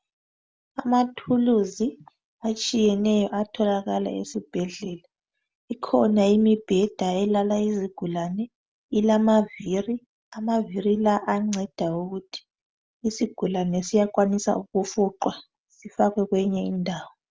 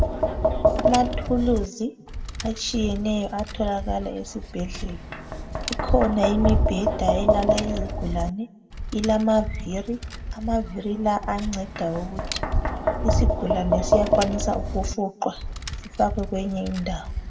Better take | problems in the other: first | background sound (Tap); 1 dB above the speech // room echo; dies away in 0.8 s

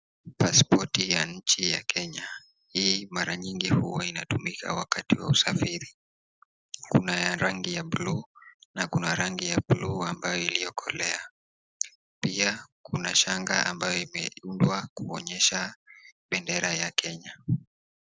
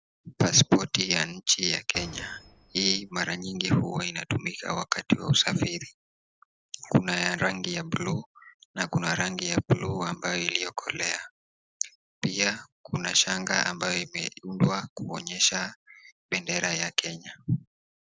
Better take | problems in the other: first | background sound (Door); 18 dB below the speech

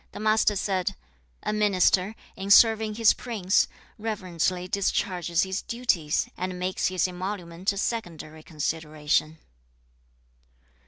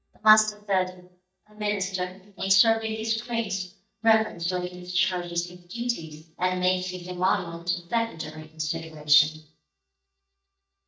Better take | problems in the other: first | noise reduction (neural mask model DeepFilterNet 3)

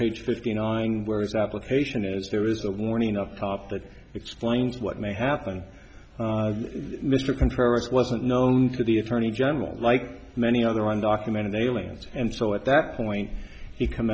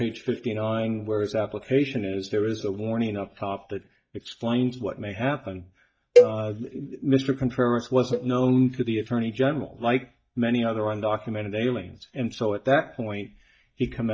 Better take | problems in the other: first | noise reduction (neural mask model DeepFilterNet 3)

